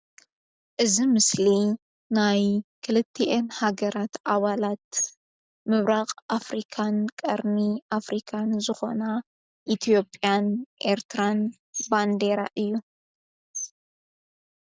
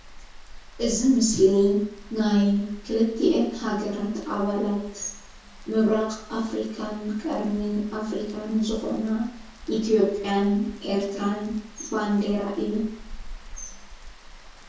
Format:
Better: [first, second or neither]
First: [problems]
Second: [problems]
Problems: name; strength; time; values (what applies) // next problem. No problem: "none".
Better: first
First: none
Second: background sound (Rain); 17 dB below the speech // room echo; dies away in 0.6 s